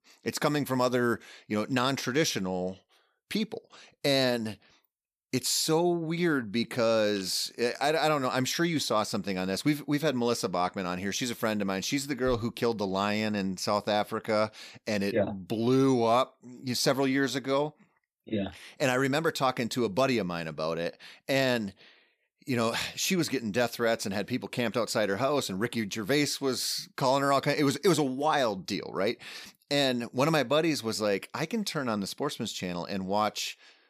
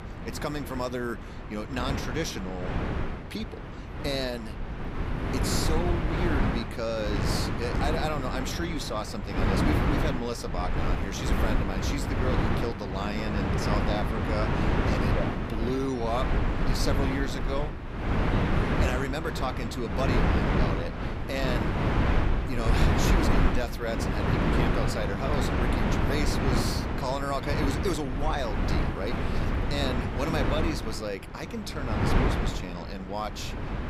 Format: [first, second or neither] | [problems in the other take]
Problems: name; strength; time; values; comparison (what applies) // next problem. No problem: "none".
first | wind noise on the microphone; heavy; 1 dB above the speech